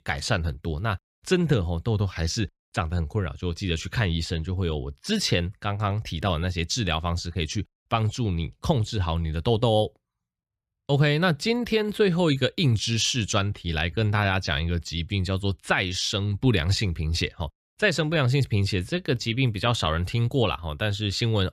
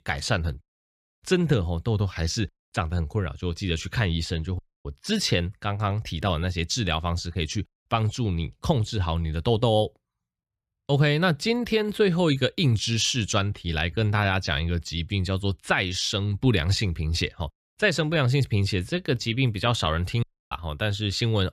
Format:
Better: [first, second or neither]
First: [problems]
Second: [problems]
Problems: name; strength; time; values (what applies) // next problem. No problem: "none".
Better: first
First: none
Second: audio cutting out; at 0.5 s, at 4.5 s and at 20 s